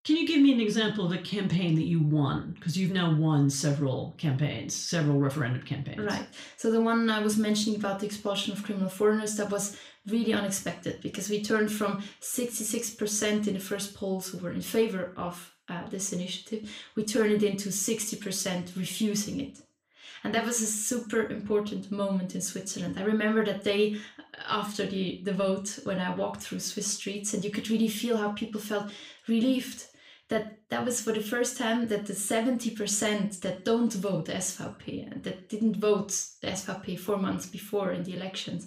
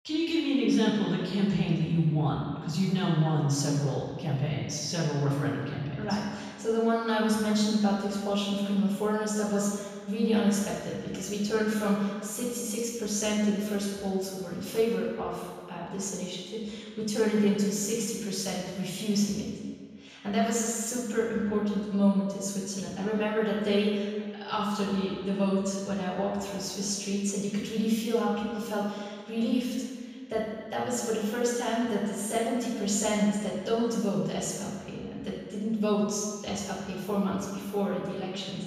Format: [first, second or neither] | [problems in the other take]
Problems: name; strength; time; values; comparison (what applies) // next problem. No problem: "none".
first | room echo; strong; dies away in 1.7 s; slight in the first // off-mic speech; far; somewhat distant in the first